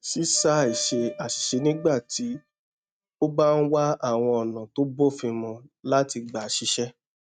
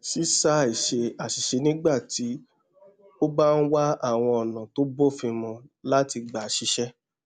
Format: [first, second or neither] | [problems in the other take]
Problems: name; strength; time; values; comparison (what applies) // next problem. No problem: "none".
second | noise reduction (neural mask model RNNoise)